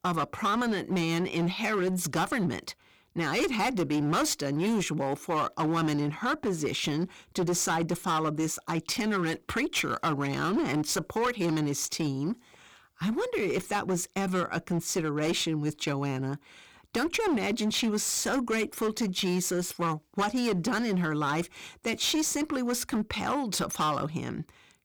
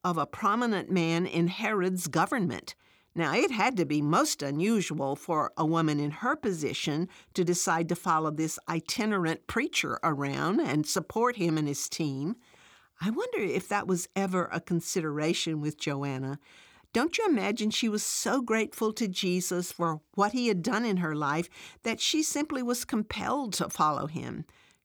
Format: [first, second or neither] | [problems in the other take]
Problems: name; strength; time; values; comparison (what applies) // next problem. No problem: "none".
second | distortion; slight; 14% of the sound clipped